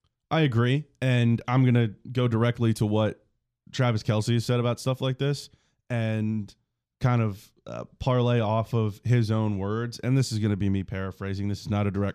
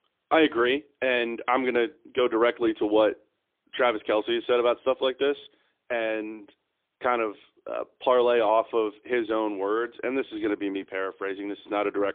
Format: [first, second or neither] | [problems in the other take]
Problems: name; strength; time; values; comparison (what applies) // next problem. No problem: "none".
first | phone-call audio; poor line; nothing above 3.5 kHz